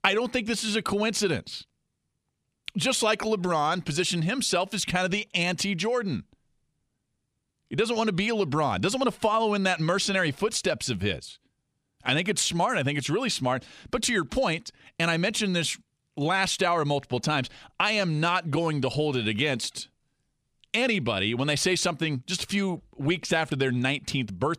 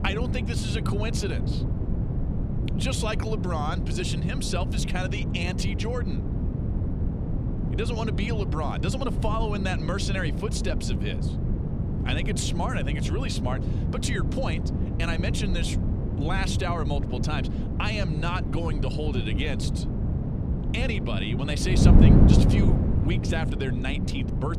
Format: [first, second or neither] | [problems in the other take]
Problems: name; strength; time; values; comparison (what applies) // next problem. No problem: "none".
first | wind noise on the microphone; heavy; 4 dB below the speech